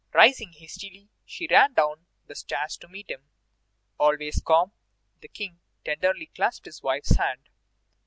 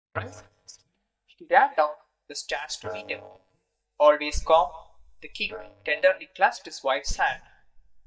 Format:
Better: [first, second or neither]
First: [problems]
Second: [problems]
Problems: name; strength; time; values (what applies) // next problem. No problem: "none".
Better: first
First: none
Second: noise reduction (neural mask model DeepFilterNet 3)